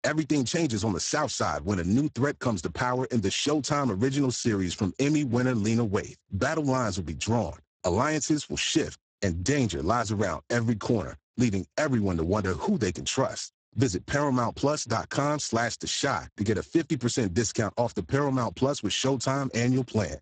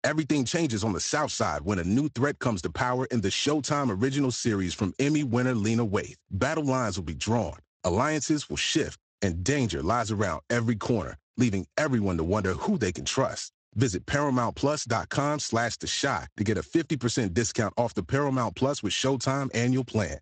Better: second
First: garbled, watery; badly; nothing above 8 kHz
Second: garbled, watery; slightly; nothing above 8 kHz

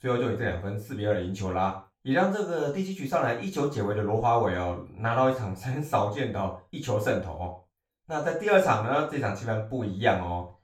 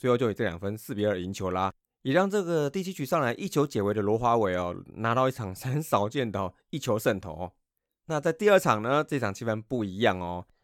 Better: second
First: room echo; slight; dies away in 0.3 s // off-mic speech; far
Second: none

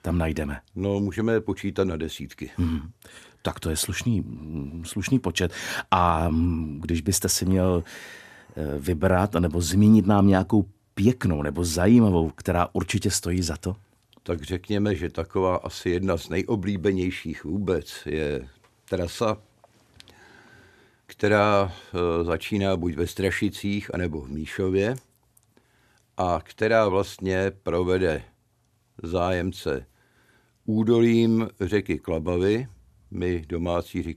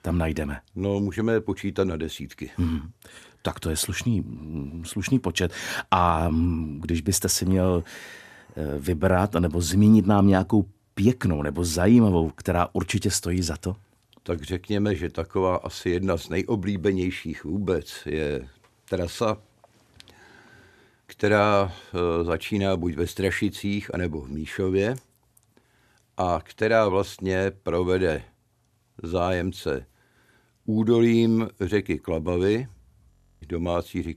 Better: first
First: none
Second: audio freezing; at 33 s

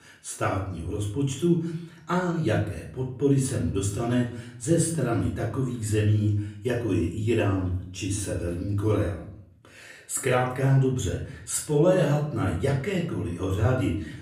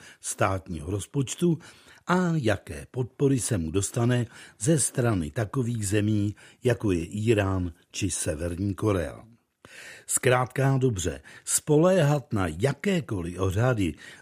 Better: second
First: off-mic speech; far // room echo; slight; dies away in 0.6 s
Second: none

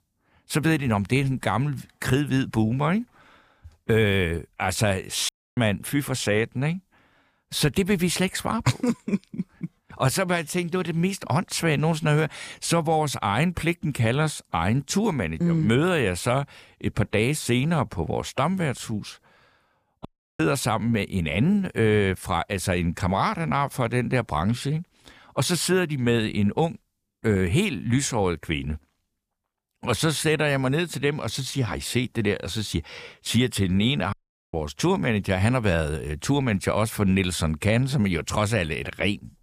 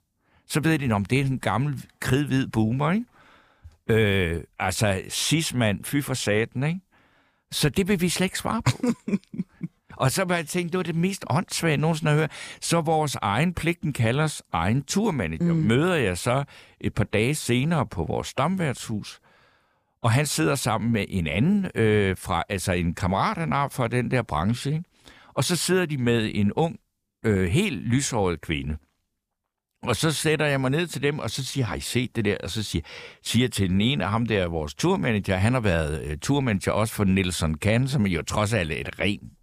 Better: second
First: audio cutting out; at 5.5 s, at 20 s and at 34 s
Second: none

